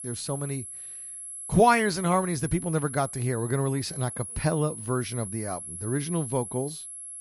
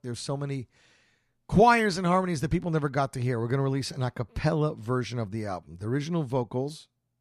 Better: second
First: high-pitched whine; loud; throughout; 11 kHz, 9 dB below the speech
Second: none

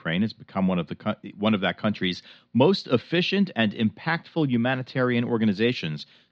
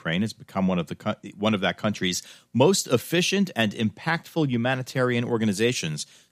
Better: second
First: muffled; very slightly; fading above 4.5 kHz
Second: none

